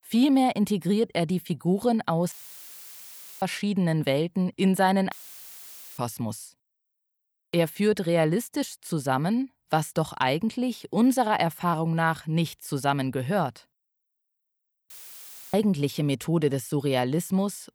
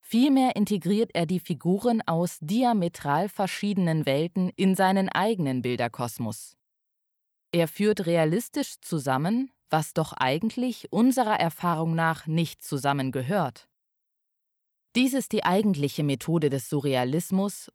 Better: second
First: audio cutting out; filled with static; at 2.5 s for 1 s, at 5 s for 1 s and at 15 s for 0.5 s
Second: none

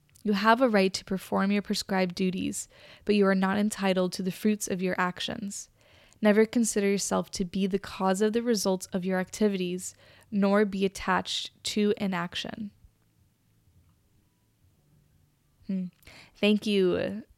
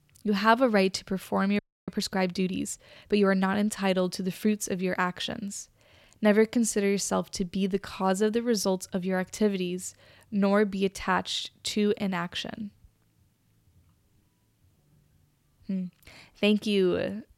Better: first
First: none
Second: audio freezing; at 1.5 s

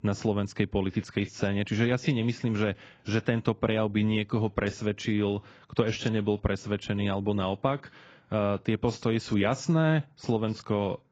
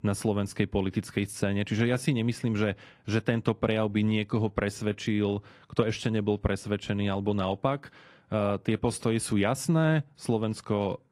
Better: second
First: garbled, watery; badly; nothing above 7.5 kHz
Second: garbled, watery; slightly

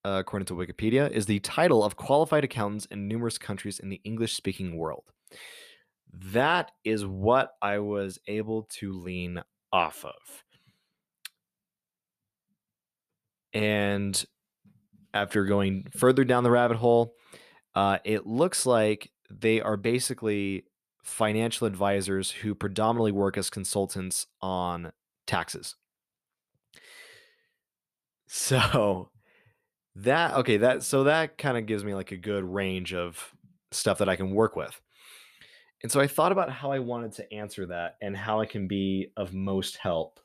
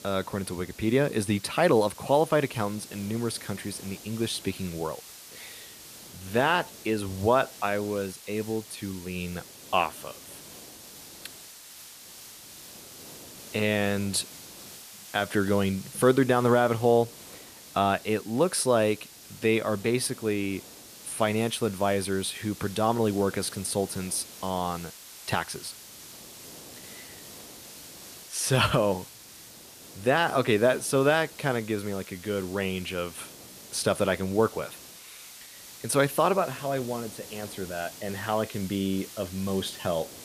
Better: first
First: none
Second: hiss; noticeable; throughout; 15 dB below the speech

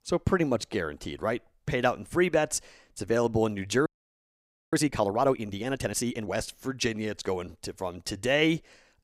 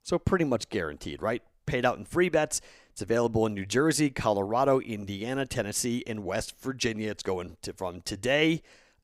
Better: second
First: audio freezing; at 4 s for 1 s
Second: none

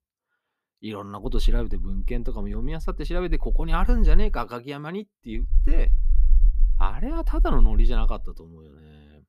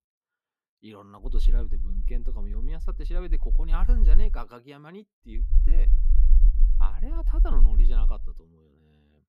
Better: first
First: low rumble; faint; from 1.5 to 4.5 s and from 5.5 to 8.5 s; 20 dB below the speech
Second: low rumble; loud; from 1.5 to 4.5 s and from 5.5 to 8.5 s; 9 dB below the speech

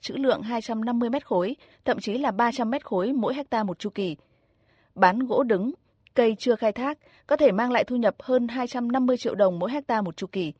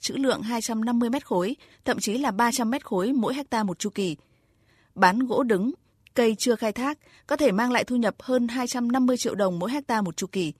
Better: second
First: muffled; slightly; fading above 4.5 kHz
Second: none

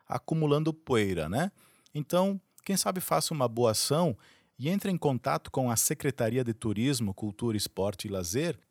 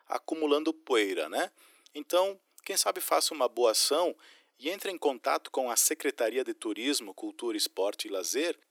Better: first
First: none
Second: thin; somewhat; fading below 300 Hz

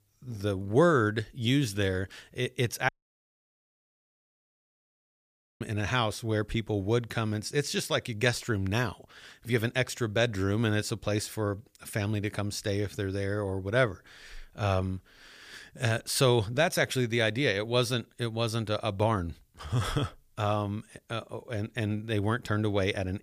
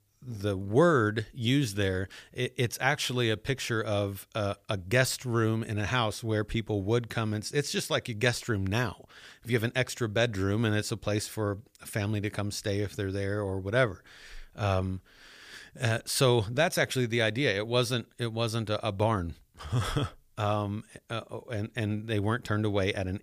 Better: second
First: audio cutting out; at 3 s for 2.5 s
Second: none

